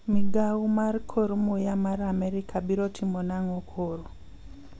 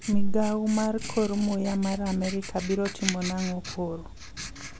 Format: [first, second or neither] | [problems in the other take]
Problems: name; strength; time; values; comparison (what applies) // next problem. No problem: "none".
first | background sound (Writing); 13 dB below the speech